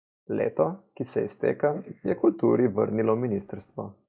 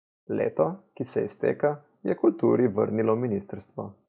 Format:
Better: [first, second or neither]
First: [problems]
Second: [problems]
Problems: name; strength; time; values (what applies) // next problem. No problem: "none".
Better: second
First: noise reduction (neural mask model Resemble Enhance denoiser)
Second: none